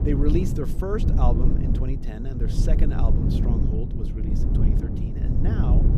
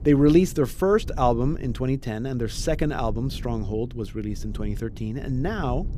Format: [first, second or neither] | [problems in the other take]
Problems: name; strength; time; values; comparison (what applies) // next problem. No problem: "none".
second | low rumble; loud; throughout; 2 dB below the speech; faint in the second